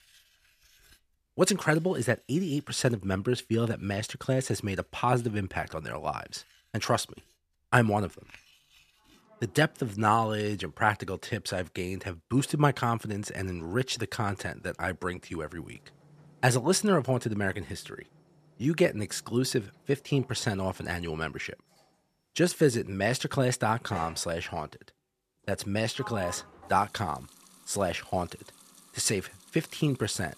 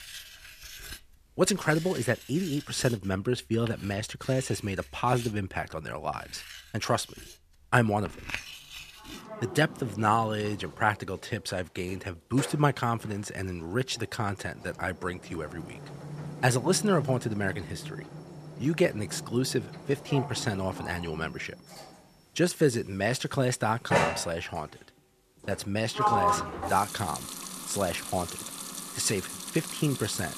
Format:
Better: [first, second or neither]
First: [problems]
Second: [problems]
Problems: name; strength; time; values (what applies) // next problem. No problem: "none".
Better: first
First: household noises; faint; throughout; 25 dB below the speech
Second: household noises; loud; throughout; 7 dB below the speech